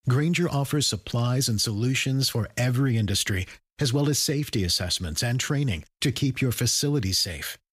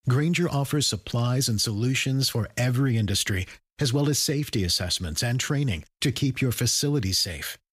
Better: neither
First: none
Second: none

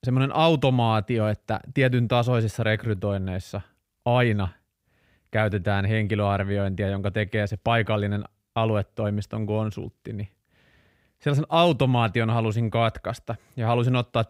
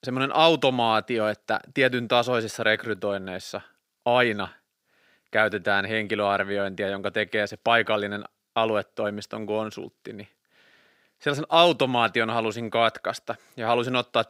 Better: first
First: none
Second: thin; somewhat; fading below 300 Hz

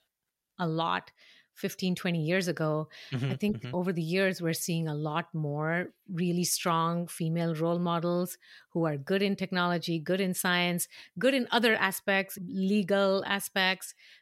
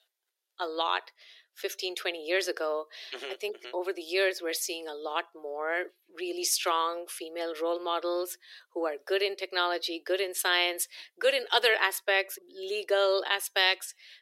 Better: first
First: none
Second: thin; very; fading below 350 Hz

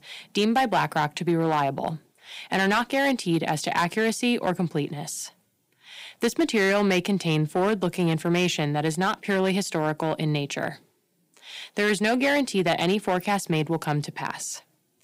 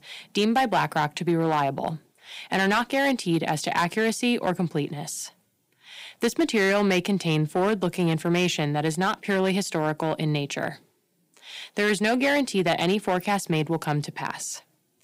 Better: neither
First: distortion; slight; 4% of the sound clipped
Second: distortion; slight; 4% of the sound clipped

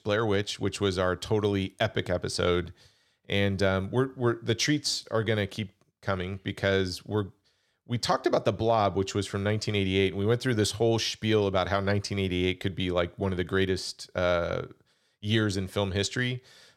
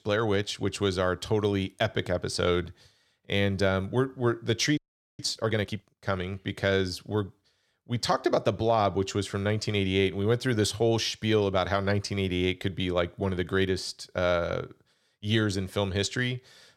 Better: first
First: none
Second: audio freezing; at 5 s

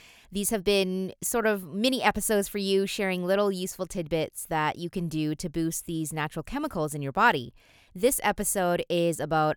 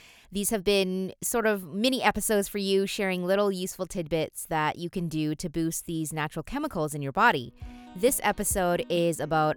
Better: first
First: none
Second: background music; noticeable; from 7.5 s on; 20 dB below the speech

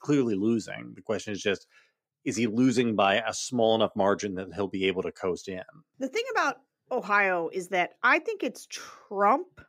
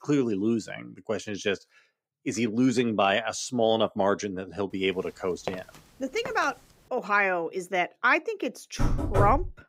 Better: first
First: none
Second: footsteps; faint; at 5.5 s; peak 10 dB below the speech // door banging; loud; at 9 s; peak level with the speech

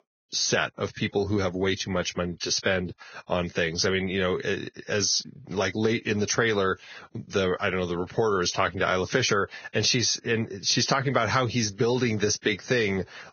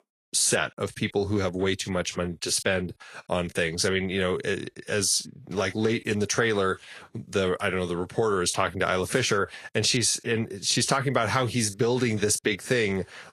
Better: second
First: garbled, watery; badly; nothing above 6.5 kHz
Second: garbled, watery; slightly

